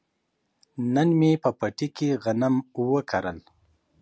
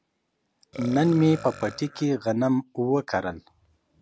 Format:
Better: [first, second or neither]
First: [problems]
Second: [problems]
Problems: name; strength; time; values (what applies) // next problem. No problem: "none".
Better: first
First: none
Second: background sound (Burping, eructation); 18 dB below the speech